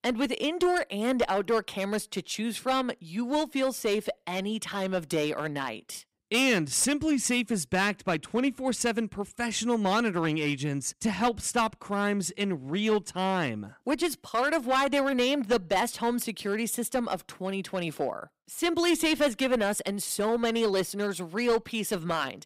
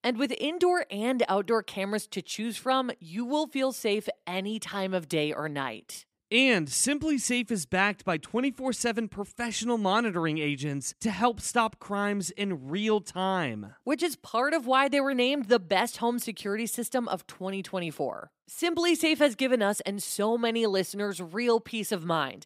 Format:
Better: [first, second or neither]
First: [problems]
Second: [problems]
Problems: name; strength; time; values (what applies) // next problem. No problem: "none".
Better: second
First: distortion; slight; 5% of the sound clipped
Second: none